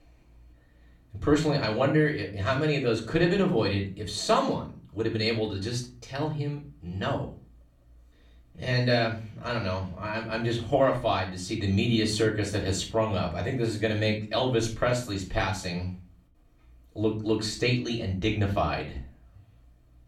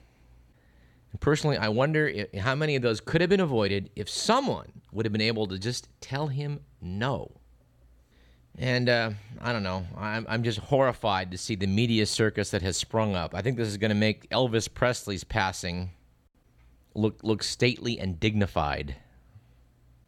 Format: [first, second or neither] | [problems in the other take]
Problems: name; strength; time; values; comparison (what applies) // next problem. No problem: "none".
second | off-mic speech; far // room echo; slight; dies away in 0.3 s